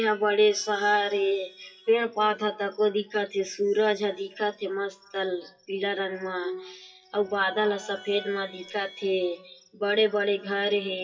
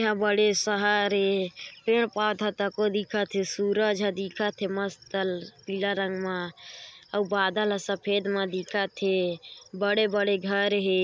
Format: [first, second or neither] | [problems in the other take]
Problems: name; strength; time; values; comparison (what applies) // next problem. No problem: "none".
second | noise reduction (classical method WPE with log-MMSE)